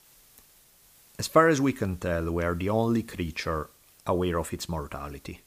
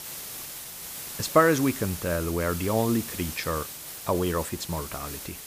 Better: first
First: hiss; faint; throughout; 30 dB below the speech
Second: hiss; loud; throughout; 9 dB below the speech

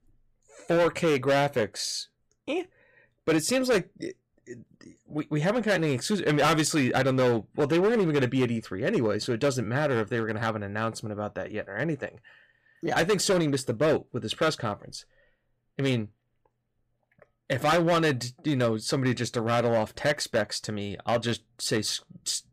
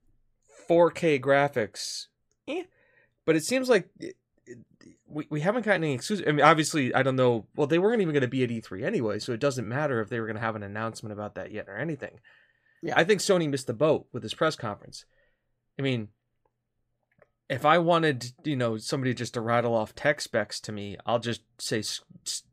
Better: second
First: distortion; heavy; 7% of the sound clipped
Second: none

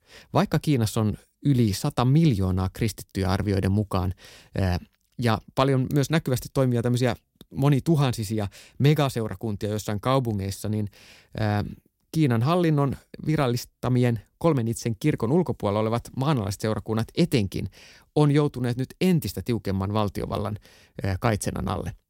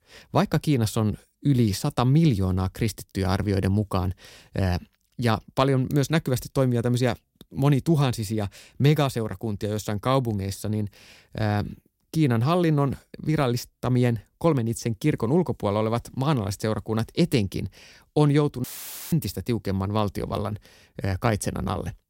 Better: first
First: none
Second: audio cutting out; filled with static; at 19 s

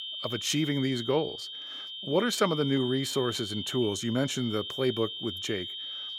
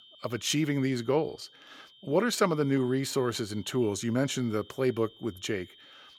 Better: second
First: high-pitched whine; loud; throughout; 3 kHz, 6 dB below the speech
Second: high-pitched whine; faint; throughout; 3 kHz, 25 dB below the speech

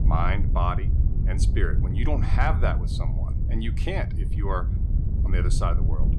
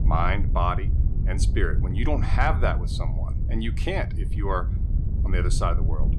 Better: second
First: wind noise on the microphone; heavy; 9 dB below the speech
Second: wind noise on the microphone; occasional gusts; 15 dB below the speech

